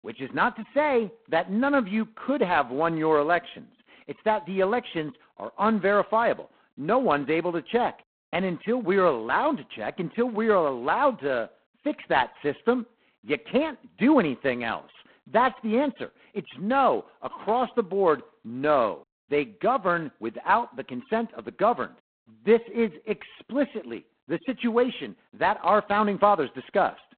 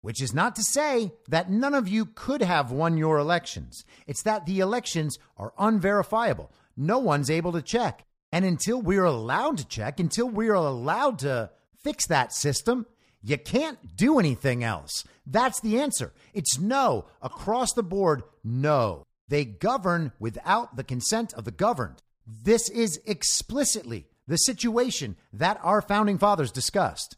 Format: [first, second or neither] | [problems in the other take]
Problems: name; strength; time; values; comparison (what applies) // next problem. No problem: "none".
second | phone-call audio; poor line; nothing above 4 kHz